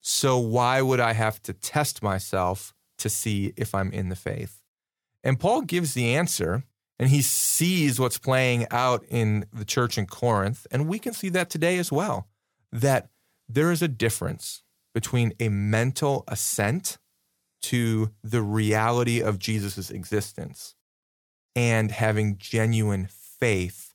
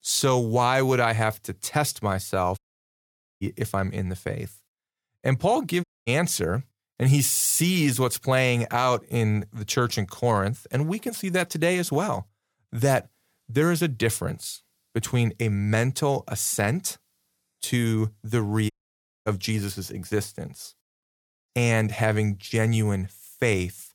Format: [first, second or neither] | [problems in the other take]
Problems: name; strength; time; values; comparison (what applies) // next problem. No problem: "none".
first | audio cutting out; at 2.5 s for 1 s, at 6 s and at 19 s for 0.5 s